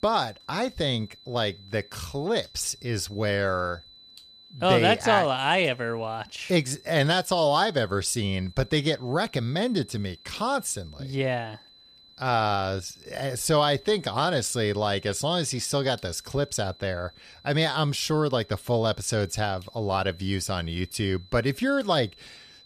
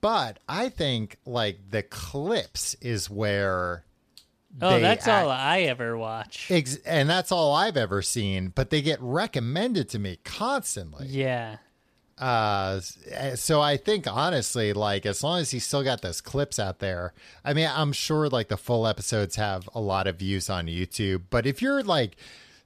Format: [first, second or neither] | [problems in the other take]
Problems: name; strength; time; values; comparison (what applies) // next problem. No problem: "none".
second | high-pitched whine; faint; throughout; 4 kHz, 25 dB below the speech